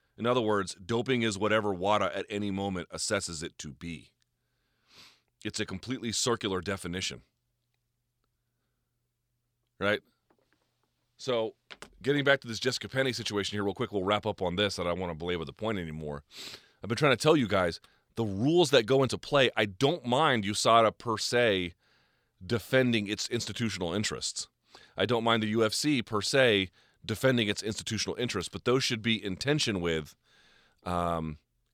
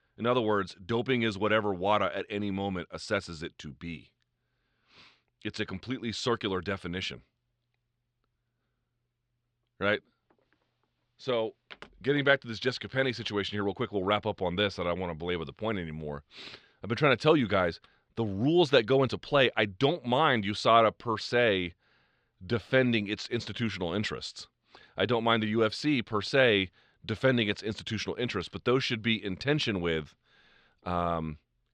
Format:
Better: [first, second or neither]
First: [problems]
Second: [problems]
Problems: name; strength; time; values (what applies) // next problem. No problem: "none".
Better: first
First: none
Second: muffled; very slightly; fading above 3 kHz